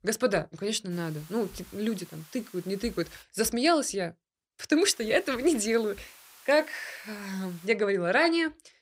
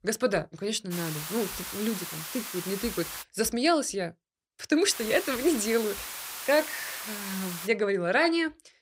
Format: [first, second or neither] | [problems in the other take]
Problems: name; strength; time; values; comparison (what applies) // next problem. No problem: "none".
first | hiss; loud; from 1 to 3 s and from 5 to 7.5 s; 7 dB below the speech; faint in the first